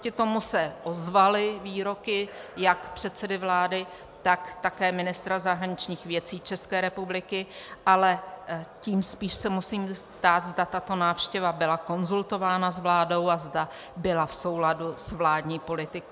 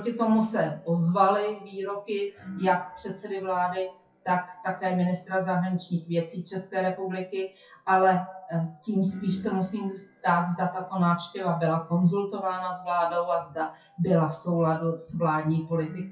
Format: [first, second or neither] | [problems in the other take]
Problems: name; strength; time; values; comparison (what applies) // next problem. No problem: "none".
first | noise reduction (classical method WPE with log-MMSE)